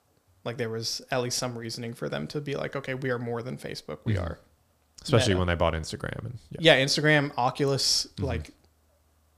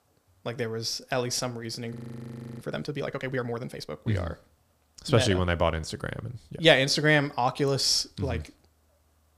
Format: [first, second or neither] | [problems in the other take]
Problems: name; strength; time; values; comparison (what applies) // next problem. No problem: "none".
first | audio freezing; at 2 s for 0.5 s